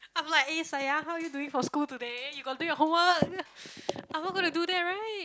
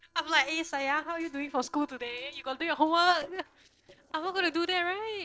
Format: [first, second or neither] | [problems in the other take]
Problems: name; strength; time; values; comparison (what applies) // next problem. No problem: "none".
first | noise reduction (neural separator model SepFormer DNS4)